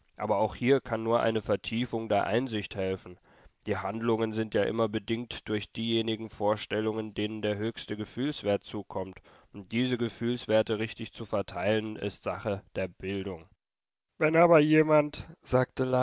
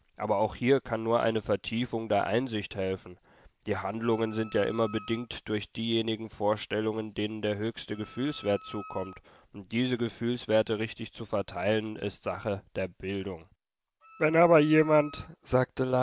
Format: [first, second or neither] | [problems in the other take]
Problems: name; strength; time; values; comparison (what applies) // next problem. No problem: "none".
first | background sound (Wind instrument, woodwind instrument); 19 dB below the speech